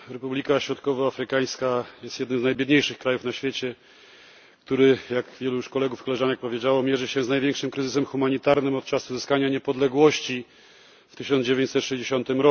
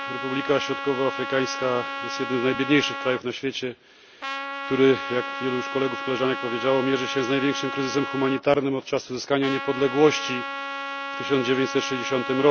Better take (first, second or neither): first